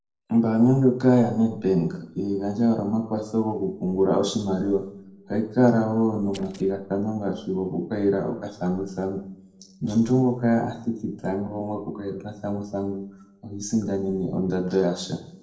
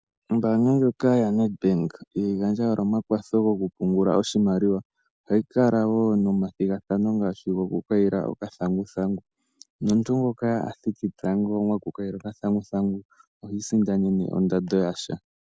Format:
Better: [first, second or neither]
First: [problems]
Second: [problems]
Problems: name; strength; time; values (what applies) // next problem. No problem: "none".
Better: second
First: noise reduction (neural separator model SepFormer DNS4)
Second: none